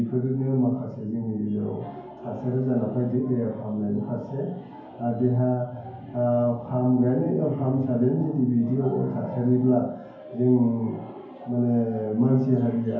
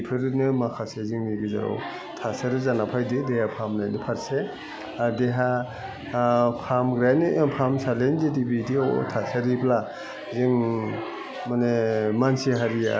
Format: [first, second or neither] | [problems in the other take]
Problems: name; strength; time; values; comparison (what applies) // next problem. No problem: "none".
second | room echo; dies away in 0.9 s